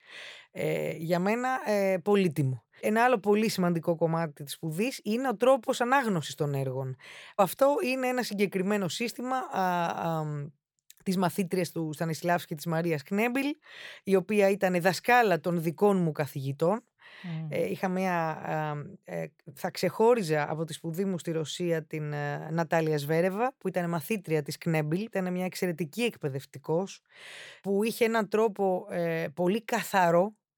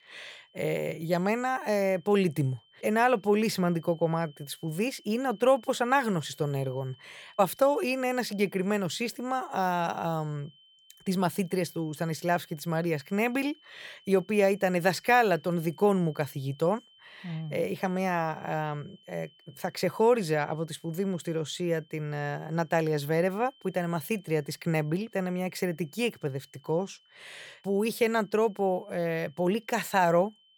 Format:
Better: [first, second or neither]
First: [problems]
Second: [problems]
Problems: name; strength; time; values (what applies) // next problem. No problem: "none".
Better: first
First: none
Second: high-pitched whine; faint; throughout; 3 kHz, 30 dB below the speech